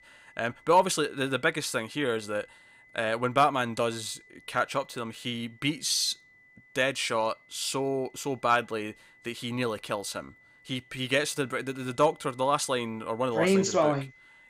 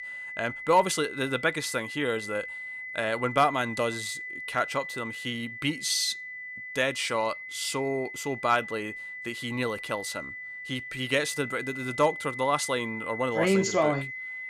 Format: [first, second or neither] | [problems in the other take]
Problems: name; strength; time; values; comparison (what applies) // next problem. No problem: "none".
first | high-pitched whine; loud; throughout; 2 kHz, 8 dB below the speech; faint in the first